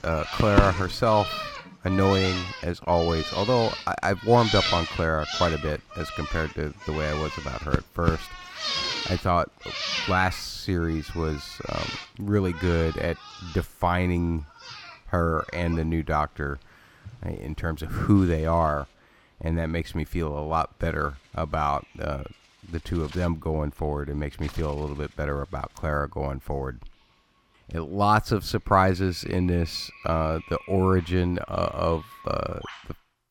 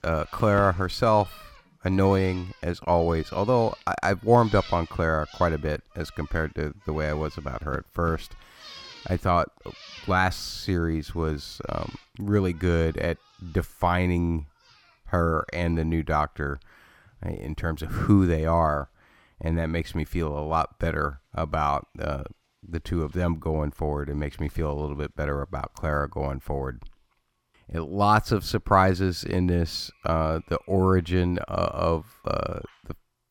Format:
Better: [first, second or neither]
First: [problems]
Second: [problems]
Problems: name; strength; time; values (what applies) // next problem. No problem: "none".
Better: second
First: animal sounds; loud; throughout; 5 dB below the speech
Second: animal sounds; faint; throughout; 20 dB below the speech